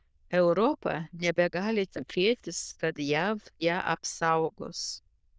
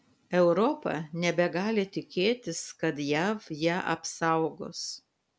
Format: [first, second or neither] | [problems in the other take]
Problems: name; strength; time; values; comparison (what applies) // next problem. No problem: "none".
second | noise reduction (neural diffusion model UNIVERSE++)